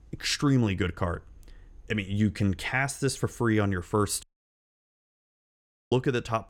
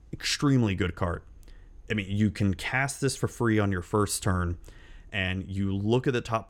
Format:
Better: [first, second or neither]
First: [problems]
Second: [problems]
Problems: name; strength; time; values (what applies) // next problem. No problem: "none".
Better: second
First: audio cutting out; at 4 s for 1.5 s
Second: none